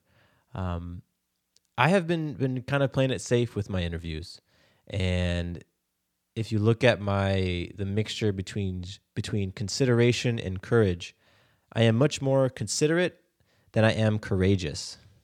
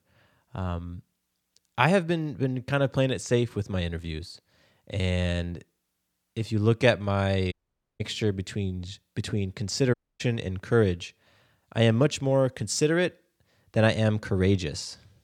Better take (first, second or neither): first